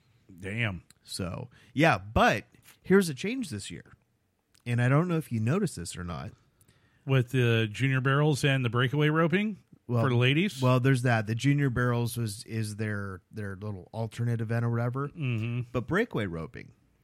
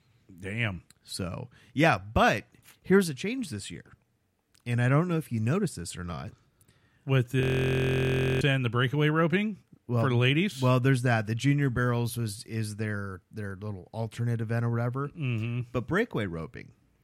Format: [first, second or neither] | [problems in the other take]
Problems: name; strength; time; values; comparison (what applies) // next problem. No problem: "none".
first | audio freezing; at 7.5 s for 1 s